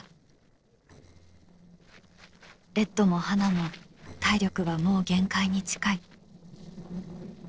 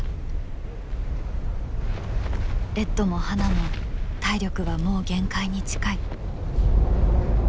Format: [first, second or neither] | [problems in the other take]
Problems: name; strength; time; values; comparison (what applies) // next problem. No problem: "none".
second | noise reduction (neural separator model SepFormer DNS4)